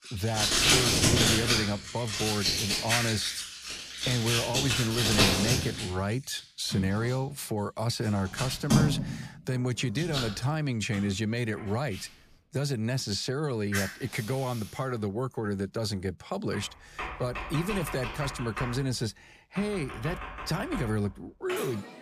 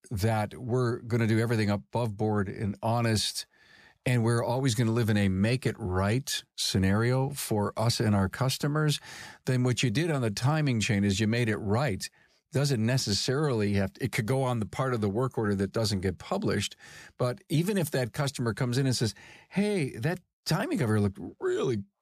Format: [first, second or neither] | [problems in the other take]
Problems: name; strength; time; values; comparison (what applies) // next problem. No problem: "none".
second | household noises; very loud; throughout; 3 dB above the speech